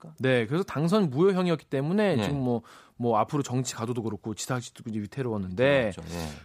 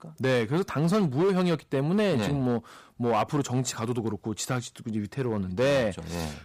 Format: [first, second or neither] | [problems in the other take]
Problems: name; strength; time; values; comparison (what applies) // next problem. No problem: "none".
first | distortion; slight; 8% of the sound clipped